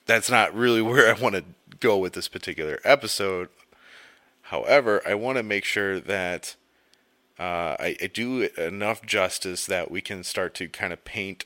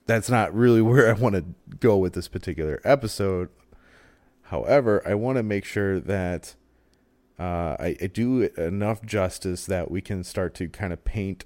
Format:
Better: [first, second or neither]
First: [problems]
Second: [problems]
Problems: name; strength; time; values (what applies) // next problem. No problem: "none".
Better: second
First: thin; somewhat; fading below 900 Hz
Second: none